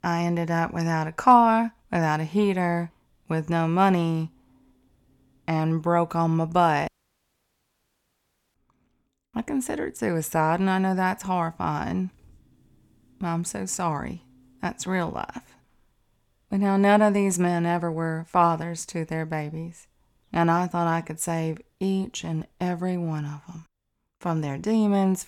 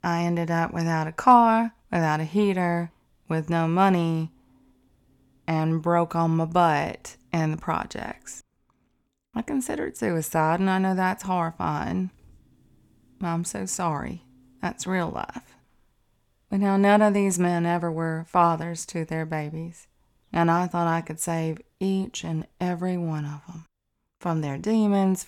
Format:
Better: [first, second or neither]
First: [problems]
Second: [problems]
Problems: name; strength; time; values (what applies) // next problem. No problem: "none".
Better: second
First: audio cutting out; at 7 s for 1.5 s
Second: none